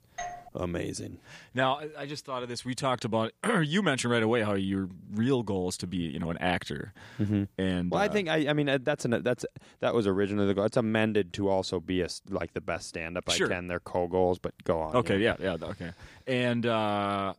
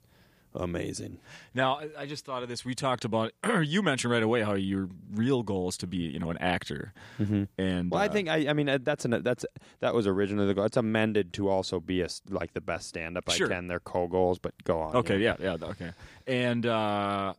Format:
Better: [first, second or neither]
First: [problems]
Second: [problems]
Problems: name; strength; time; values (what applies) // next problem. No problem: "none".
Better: second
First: doorbell; faint; at the start; peak 10 dB below the speech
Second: none